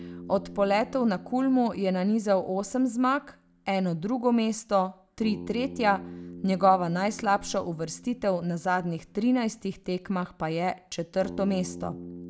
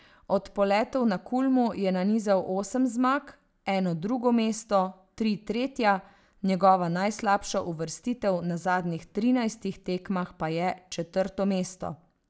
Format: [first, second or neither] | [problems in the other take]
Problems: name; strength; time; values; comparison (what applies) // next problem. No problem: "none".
second | background sound (Bass guitar); 17 dB below the speech